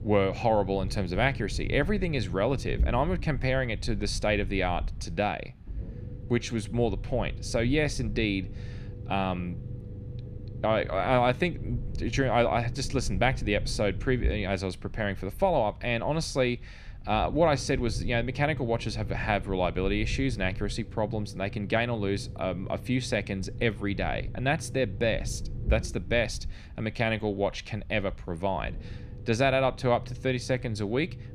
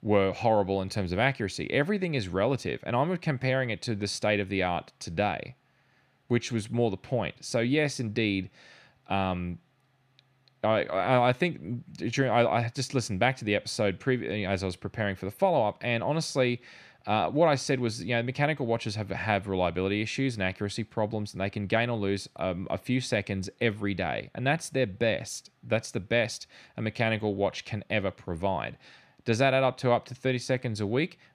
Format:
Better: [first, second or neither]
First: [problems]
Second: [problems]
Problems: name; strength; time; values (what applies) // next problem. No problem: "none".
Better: second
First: low rumble; faint; throughout; 20 dB below the speech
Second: none